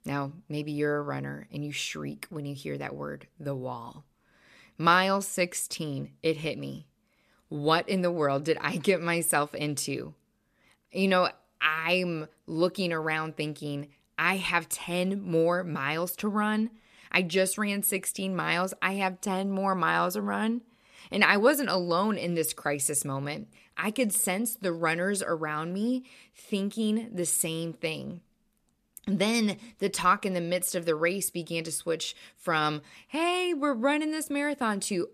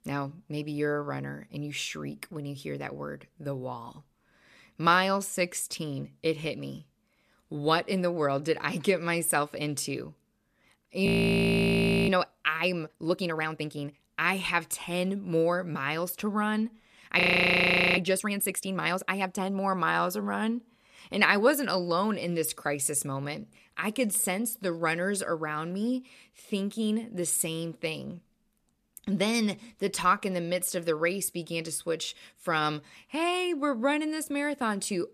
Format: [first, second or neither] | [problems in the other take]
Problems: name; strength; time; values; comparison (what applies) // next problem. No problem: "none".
first | audio freezing; at 11 s for 1 s and at 17 s for 1 s